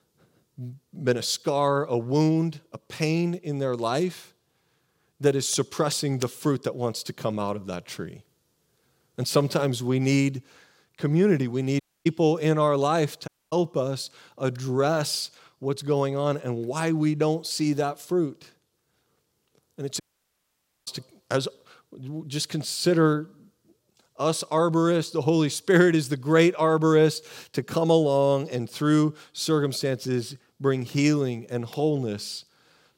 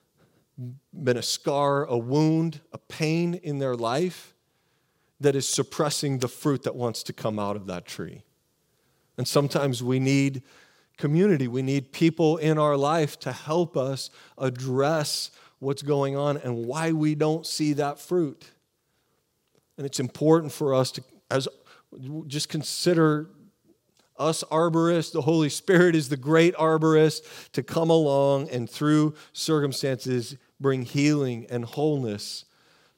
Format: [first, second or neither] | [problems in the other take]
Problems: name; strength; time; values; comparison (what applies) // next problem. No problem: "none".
second | audio cutting out; at 12 s, at 13 s and at 20 s for 1 s